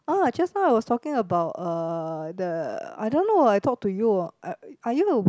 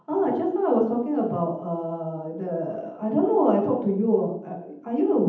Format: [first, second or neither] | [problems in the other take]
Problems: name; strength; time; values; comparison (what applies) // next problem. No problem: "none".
first | room echo; dies away in 0.8 s